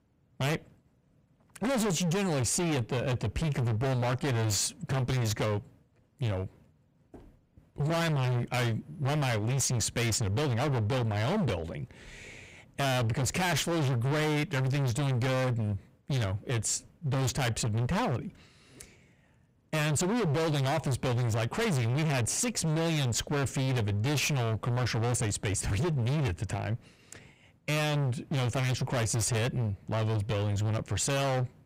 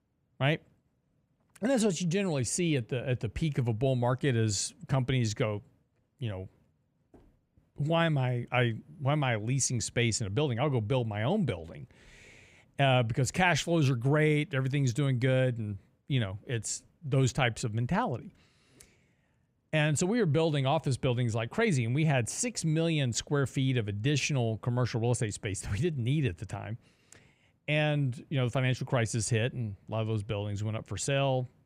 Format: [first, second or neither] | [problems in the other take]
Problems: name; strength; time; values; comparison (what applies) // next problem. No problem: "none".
second | distortion; heavy; 35% of the sound clipped